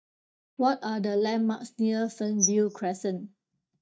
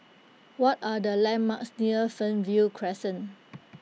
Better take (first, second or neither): second